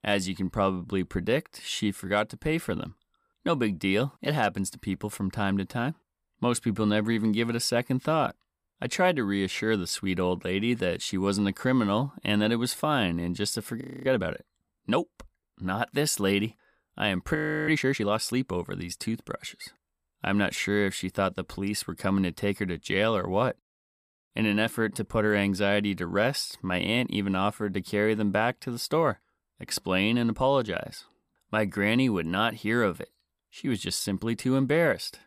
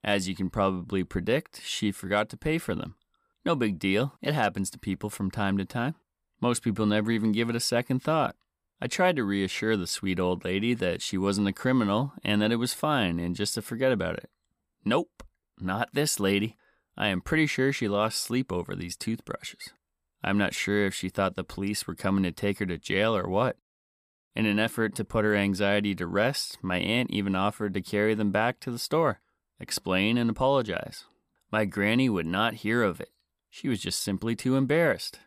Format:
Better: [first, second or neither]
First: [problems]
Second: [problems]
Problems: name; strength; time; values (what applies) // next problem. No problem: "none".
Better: second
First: audio freezing; at 14 s and at 17 s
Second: none